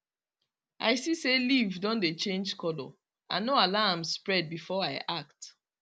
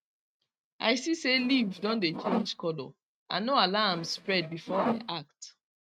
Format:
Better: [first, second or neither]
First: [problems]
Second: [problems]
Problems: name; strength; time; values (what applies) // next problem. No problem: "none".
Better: first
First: none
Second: noise reduction (neural mask model RNNoise)